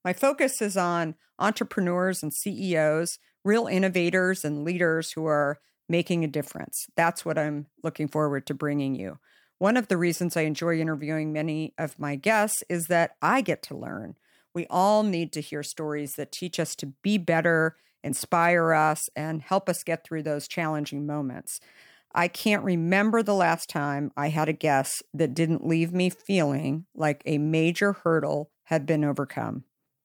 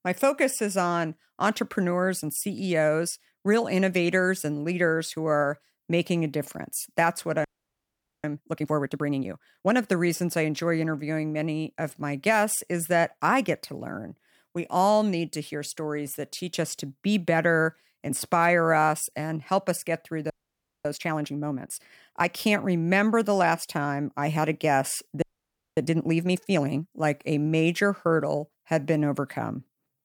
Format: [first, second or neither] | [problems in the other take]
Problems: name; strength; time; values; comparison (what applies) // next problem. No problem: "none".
first | audio freezing; at 7.5 s for 1 s, at 20 s for 0.5 s and at 25 s for 0.5 s